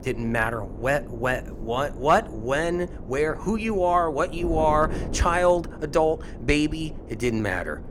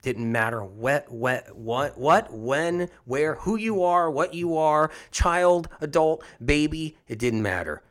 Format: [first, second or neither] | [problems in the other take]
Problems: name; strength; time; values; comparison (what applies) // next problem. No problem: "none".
second | wind noise on the microphone; occasional gusts; 20 dB below the speech